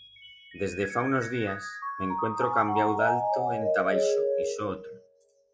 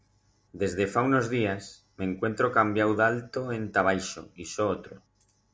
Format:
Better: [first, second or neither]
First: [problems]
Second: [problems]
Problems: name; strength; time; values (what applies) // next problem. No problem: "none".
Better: second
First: noise reduction (classical method log-MMSE)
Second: none